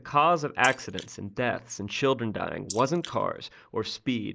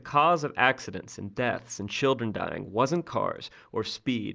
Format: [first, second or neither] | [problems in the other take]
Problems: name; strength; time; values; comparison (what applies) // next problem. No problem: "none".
second | noise reduction (neural mask model Resemble Enhance denoiser)